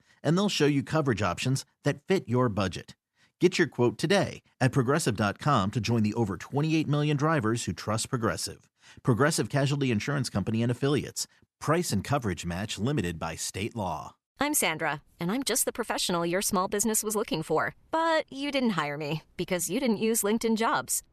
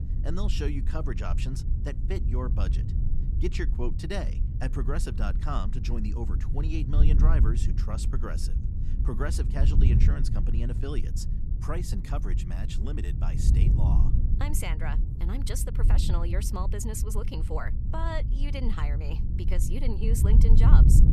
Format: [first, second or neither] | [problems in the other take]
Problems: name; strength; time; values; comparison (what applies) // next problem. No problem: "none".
first | wind noise on the microphone; heavy; 5 dB below the speech